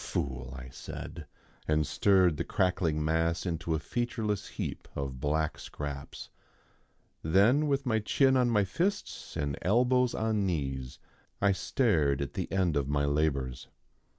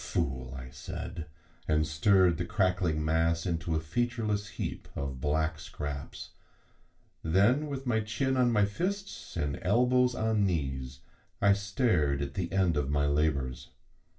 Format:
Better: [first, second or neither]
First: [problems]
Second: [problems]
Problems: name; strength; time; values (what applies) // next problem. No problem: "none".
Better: first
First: none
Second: room echo; dies away in 0.2 s